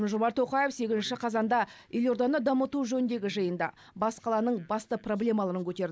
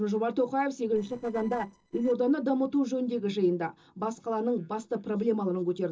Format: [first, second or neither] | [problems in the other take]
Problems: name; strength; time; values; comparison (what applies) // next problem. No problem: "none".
first | noise reduction (neural separator model SepFormer DNS4)